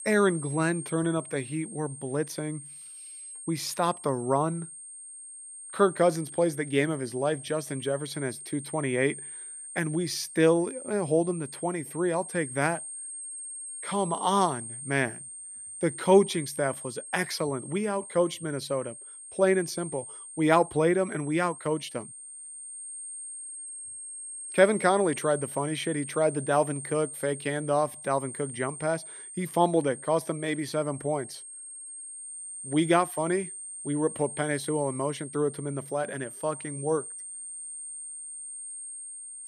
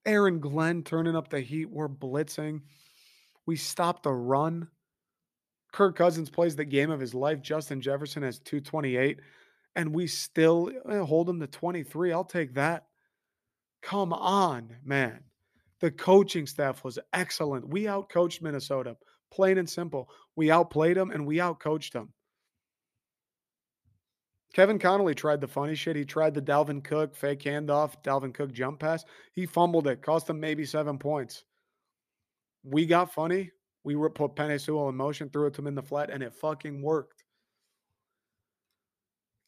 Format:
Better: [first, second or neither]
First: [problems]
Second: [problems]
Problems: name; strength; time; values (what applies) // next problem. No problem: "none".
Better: second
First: high-pitched whine; noticeable; throughout; 8.5 kHz, 10 dB below the speech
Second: none